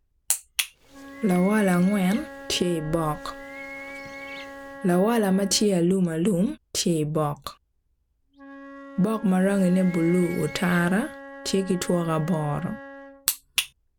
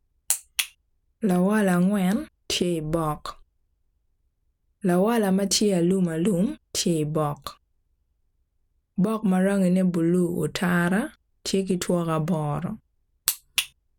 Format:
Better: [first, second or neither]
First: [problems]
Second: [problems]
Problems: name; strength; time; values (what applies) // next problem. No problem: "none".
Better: second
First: background sound (Bird + Wind instrument, woodwind instrument); 16 dB below the speech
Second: none